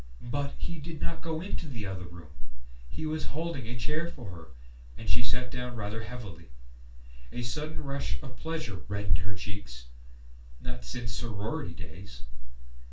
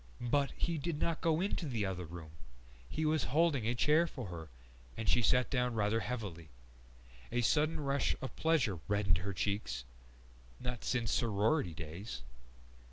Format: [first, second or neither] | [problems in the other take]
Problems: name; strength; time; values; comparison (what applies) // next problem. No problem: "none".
second | room echo; dies away in 0.2 s